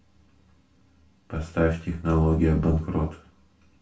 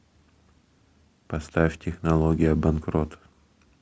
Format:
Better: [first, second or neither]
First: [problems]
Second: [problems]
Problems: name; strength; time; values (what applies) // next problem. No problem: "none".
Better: second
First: room echo; dies away in 0.3 s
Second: none